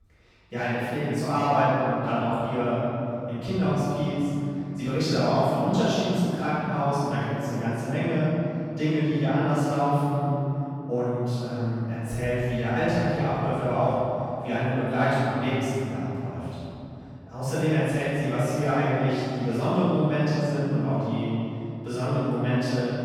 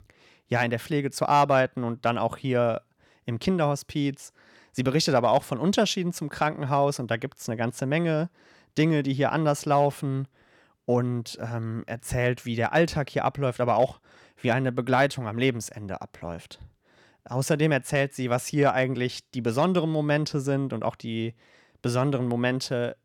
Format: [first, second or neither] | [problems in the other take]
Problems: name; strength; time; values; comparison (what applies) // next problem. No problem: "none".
second | off-mic speech; far // room echo; strong; dies away in 3 s